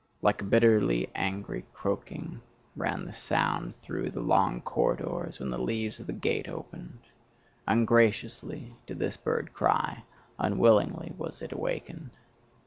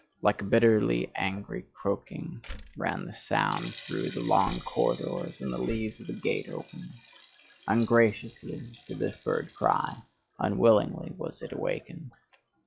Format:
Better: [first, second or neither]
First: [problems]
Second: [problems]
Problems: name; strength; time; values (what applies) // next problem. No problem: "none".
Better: first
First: none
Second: noise reduction (classical method log-MMSE)